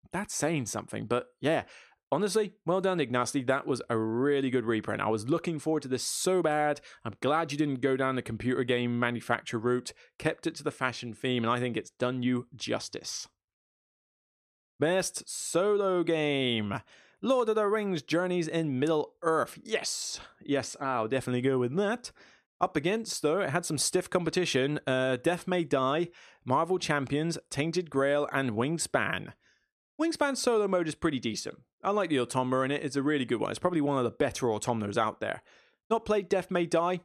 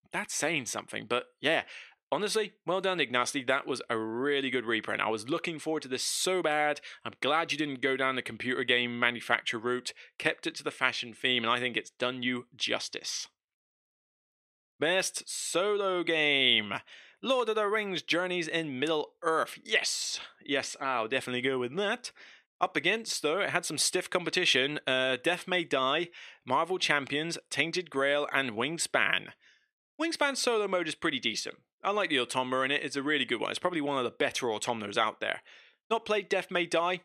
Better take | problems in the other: first | thin; very slightly; fading below 750 Hz

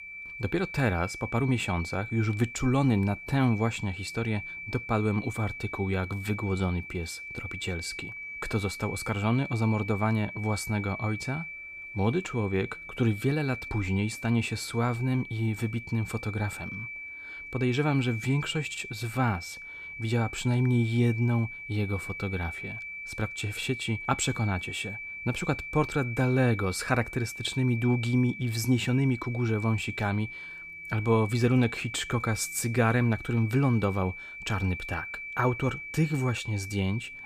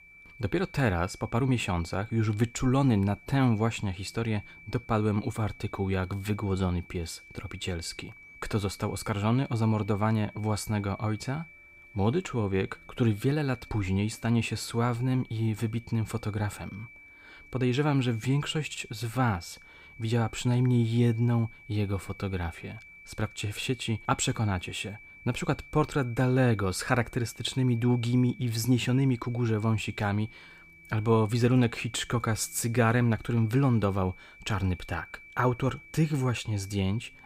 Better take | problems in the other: second | high-pitched whine; loud; throughout; 2.5 kHz, 9 dB below the speech; faint in the second

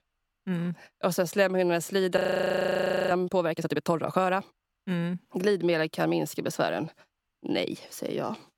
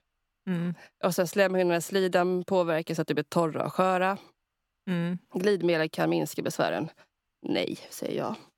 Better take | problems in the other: second | audio freezing; at 2 s for 1 s

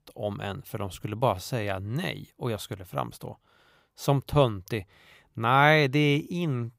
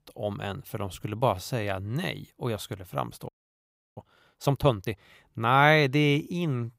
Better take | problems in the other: first | audio freezing; at 3.5 s for 0.5 s

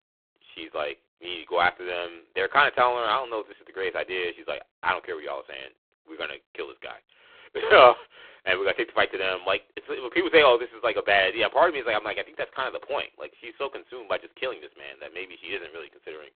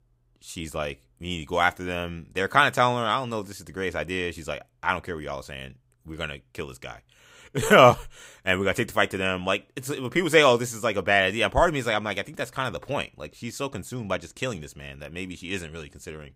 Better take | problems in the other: second | phone-call audio; poor line

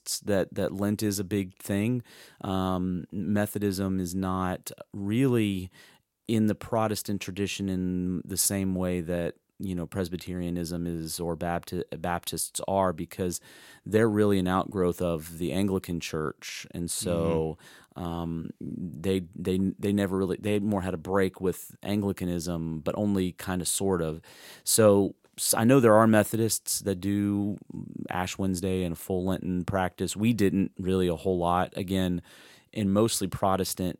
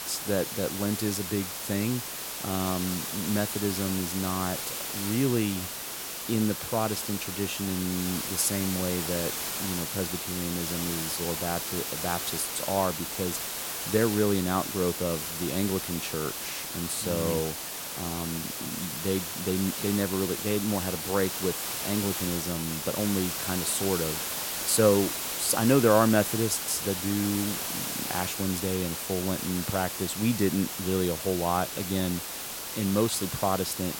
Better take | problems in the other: first | hiss; loud; throughout; 2 dB below the speech

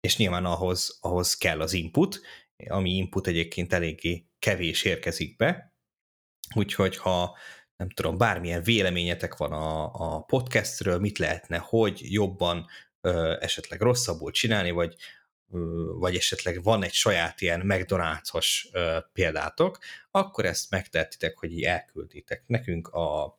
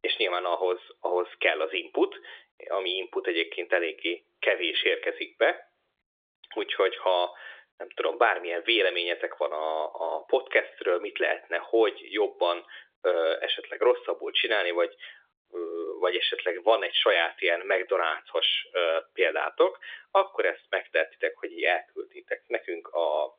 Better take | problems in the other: first | phone-call audio; nothing above 3 kHz

